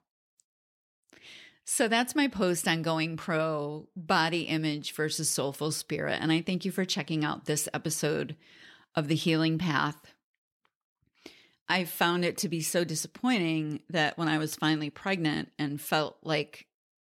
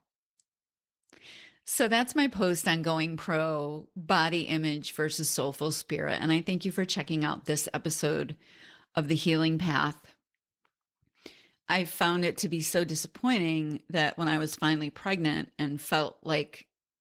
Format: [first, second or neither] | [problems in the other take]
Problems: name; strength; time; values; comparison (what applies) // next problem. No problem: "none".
first | garbled, watery; slightly; nothing above 15.5 kHz